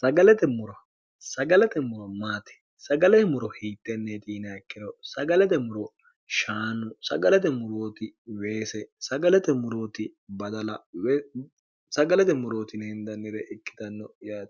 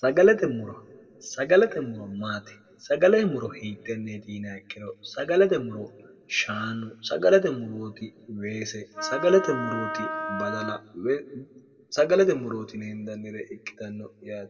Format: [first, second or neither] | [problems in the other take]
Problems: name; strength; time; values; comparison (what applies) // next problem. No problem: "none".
first | background sound (Wind instrument, woodwind instrument); 6 dB below the speech // room echo; dies away in 0.8 s